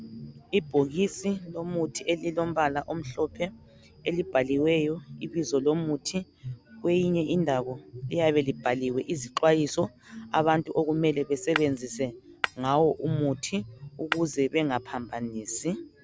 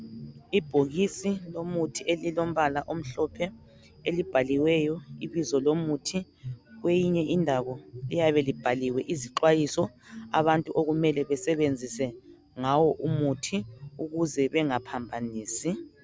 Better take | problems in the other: second | background sound (Shatter); 9 dB below the speech

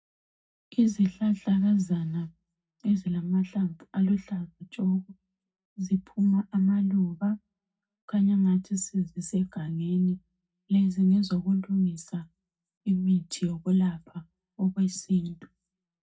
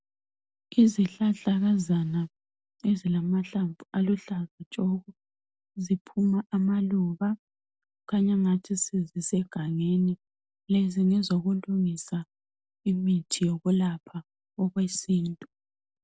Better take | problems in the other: second | room echo; dies away in 0.3 s

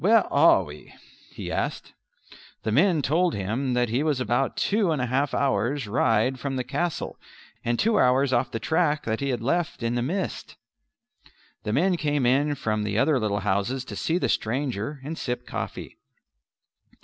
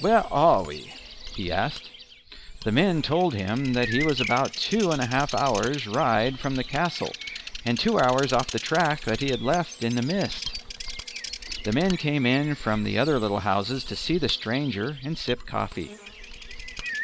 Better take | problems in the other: first | background sound (Bird vocalization, bird call, bird song + Mechanisms); 11 dB below the speech

